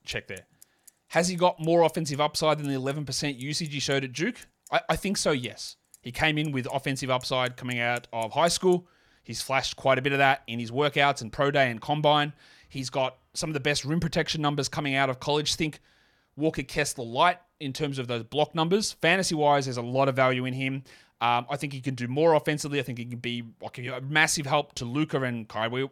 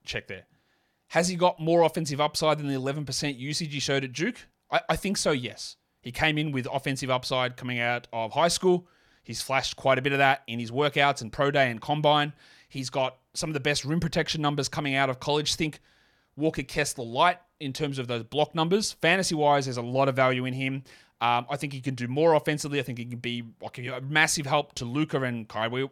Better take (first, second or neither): second